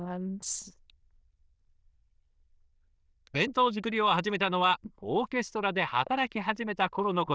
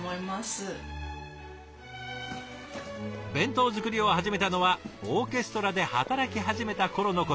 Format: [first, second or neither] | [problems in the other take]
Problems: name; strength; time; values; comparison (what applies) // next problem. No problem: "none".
second | noise reduction (neural diffusion model UNIVERSE++)